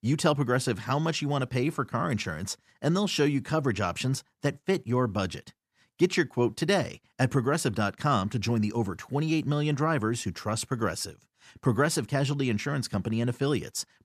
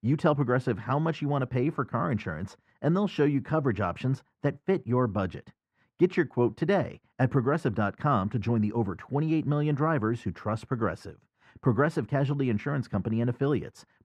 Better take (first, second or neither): first